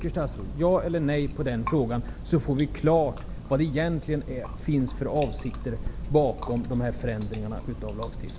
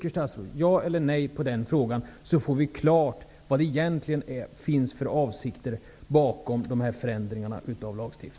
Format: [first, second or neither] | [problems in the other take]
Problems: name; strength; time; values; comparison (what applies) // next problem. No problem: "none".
second | background sound (Chewing, mastication); 8 dB below the speech